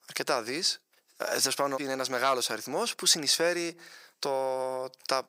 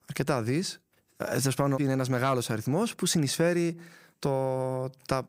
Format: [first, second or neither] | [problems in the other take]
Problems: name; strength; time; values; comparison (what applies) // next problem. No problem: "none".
second | thin; somewhat; fading below 500 Hz